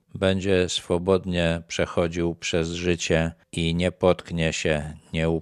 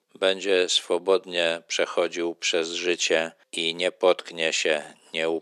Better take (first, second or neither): first